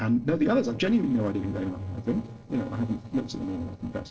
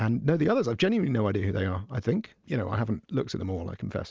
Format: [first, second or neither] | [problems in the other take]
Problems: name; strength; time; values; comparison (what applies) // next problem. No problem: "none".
second | noise reduction (neural separator model SepFormer DNS4)